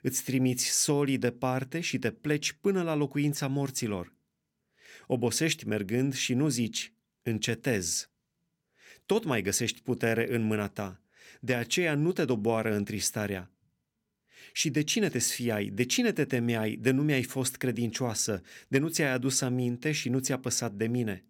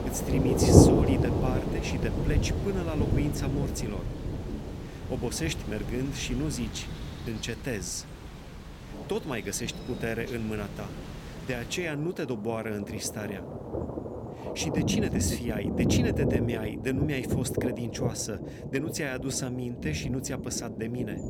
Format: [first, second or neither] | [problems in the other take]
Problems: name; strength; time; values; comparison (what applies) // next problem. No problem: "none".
first | rain or running water; very loud; throughout; 3 dB above the speech